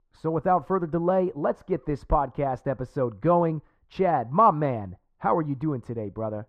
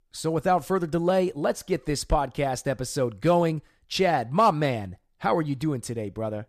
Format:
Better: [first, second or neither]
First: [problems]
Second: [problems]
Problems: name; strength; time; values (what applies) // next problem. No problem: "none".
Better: second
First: muffled; very; fading above 3 kHz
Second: none